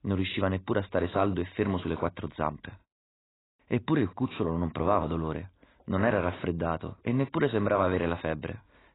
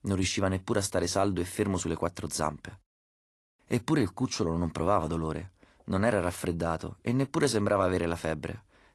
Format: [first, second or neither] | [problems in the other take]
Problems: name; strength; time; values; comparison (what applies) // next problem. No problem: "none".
second | garbled, watery; badly; nothing above 4 kHz; slightly in the second